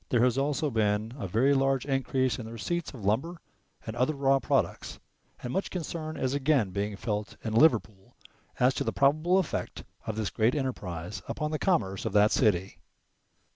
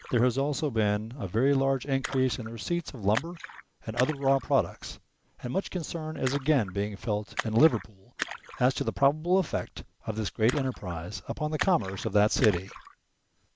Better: first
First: none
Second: background sound (Splash, splatter); 15 dB below the speech

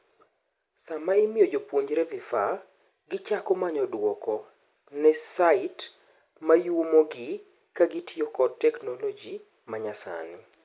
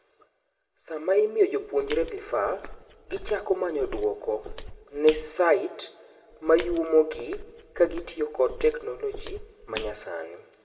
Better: first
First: none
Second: background sound (Walk, footsteps); 13 dB below the speech // room echo; dies away in 0.9 s

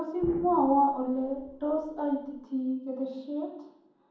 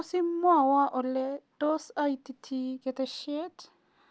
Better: second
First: background sound (Explosion); 17 dB below the speech // room echo; dies away in 1.2 s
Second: none

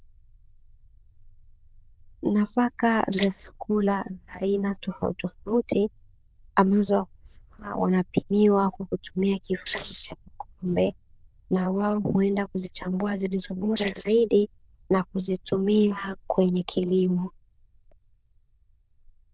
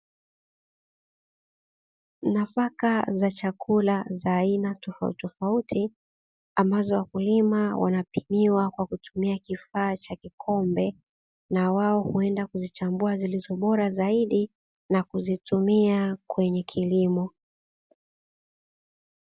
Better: second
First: noise reduction (neural diffusion model UNIVERSE++)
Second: none

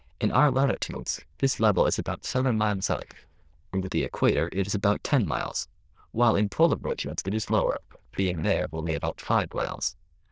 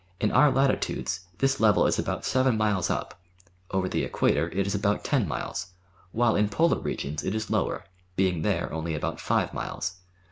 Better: second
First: noise reduction (neural diffusion model UNIVERSE++)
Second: none

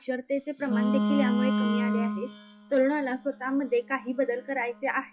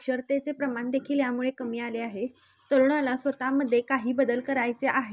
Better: second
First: noise reduction (classical method log-MMSE)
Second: none

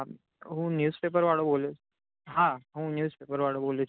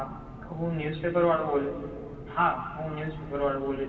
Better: first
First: none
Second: background sound (Engine); 14 dB below the speech // room echo; dies away in 2.4 s

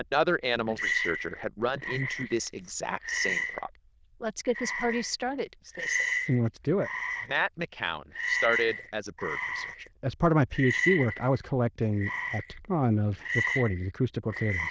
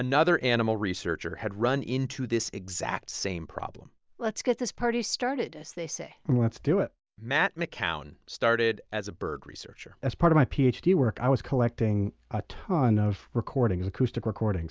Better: second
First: noise reduction (neural diffusion model UNIVERSE++)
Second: none

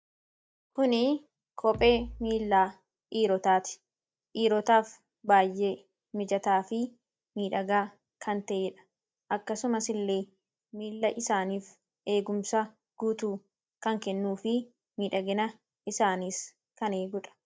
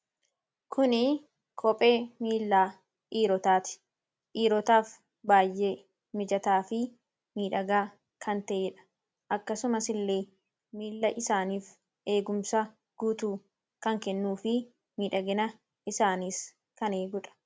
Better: second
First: noise reduction (neural mask model DeepFilterNet 3)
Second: none

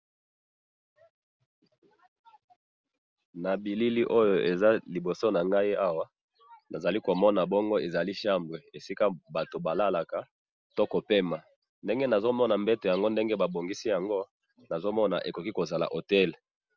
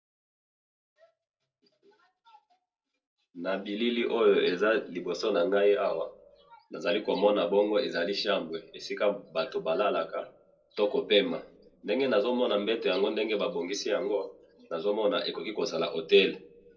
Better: first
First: none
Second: room echo; dies away in 0.2 s

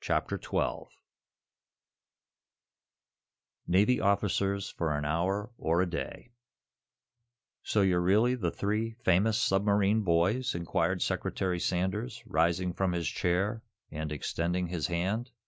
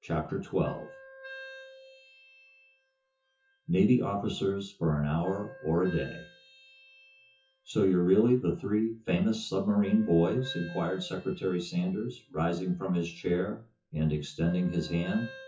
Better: first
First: none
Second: noise reduction (classical method WPE with log-MMSE)

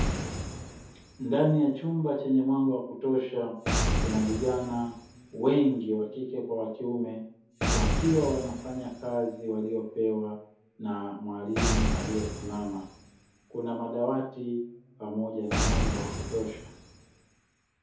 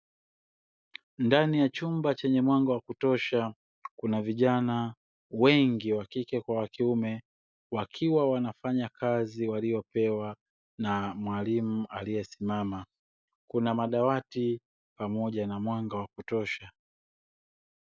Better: second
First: background sound (Boom); 3 dB below the speech // room echo; dies away in 0.6 s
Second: none

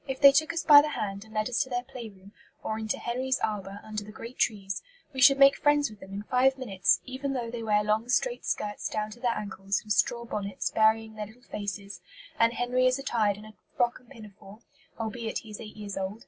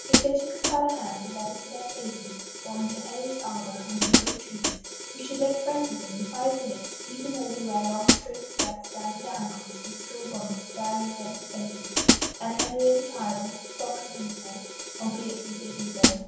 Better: first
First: none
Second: background sound (Hi-hat); 1 dB above the speech // room echo; dies away in 0.9 s

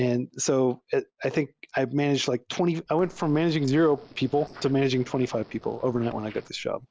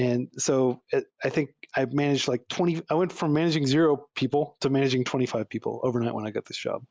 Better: second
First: noise reduction (neural separator model SepFormer DNS4)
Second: none

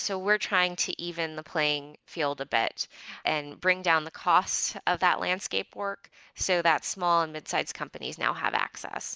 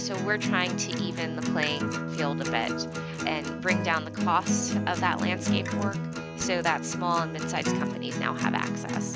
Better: first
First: none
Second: background sound (Acoustic guitar); 1 dB above the speech

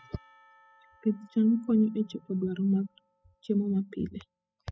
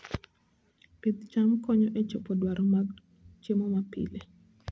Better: second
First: noise reduction (classical method spectral subtraction)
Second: none

